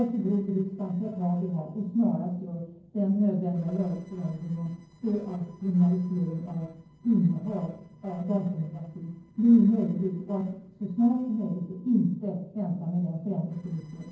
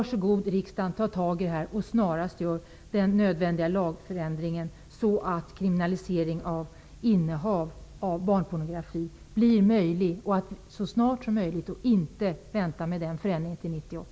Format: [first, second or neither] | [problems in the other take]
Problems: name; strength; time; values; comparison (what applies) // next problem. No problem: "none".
second | noise reduction (neural separator model SepFormer DNS4)